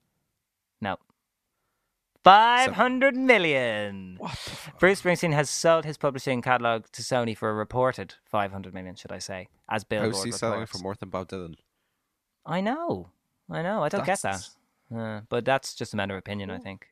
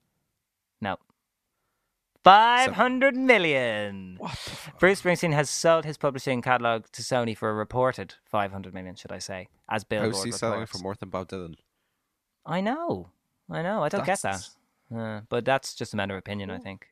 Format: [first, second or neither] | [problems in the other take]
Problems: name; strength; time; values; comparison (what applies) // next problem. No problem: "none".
neither | none